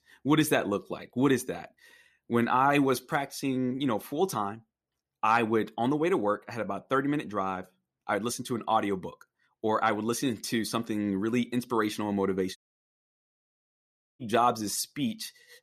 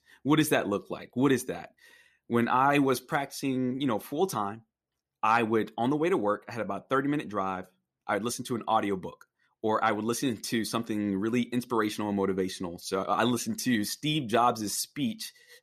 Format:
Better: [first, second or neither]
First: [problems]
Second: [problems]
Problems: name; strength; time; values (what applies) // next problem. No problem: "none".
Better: second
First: audio cutting out; at 13 s for 1.5 s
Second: none